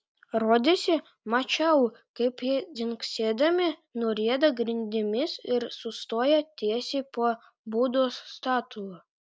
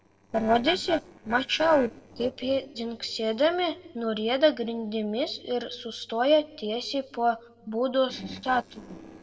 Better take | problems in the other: first | noise reduction (neural separator model SepFormer DNS4)

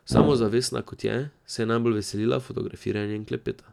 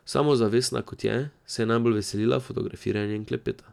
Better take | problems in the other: second | background sound (Brass instrument); 2 dB above the speech

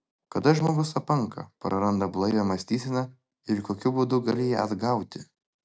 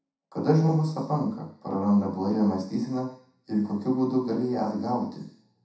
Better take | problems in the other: first | room echo; dies away in 0.7 s

